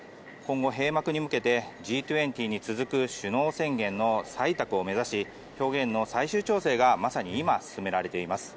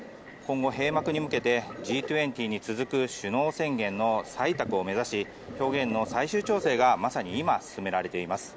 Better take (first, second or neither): first